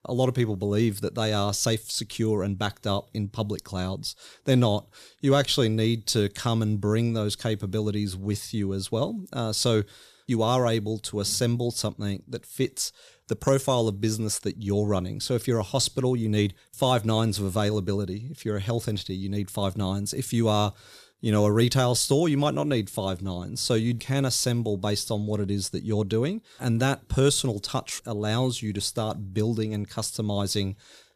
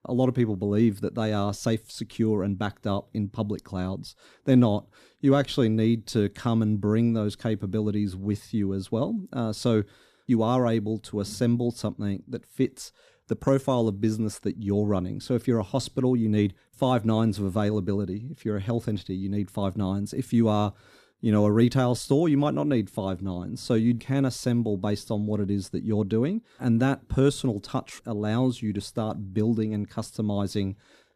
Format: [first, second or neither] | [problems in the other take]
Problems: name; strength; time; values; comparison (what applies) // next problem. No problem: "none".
first | muffled; slightly; fading above 3 kHz